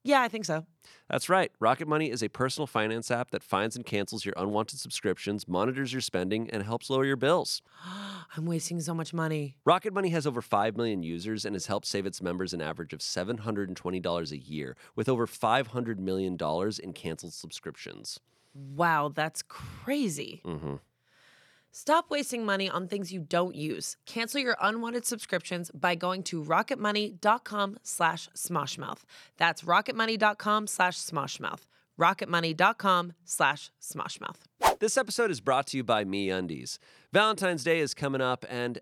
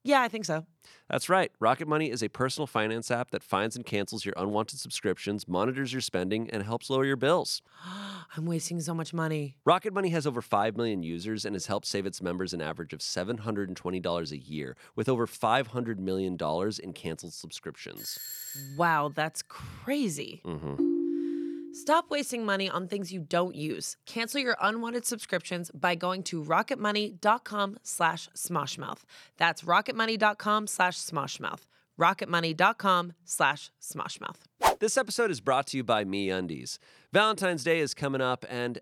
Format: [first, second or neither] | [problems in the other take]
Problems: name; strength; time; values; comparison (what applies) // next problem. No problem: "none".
first | doorbell; noticeable; at 18 s; peak 7 dB below the speech // phone ringing; loud; at 21 s; peak 1 dB above the speech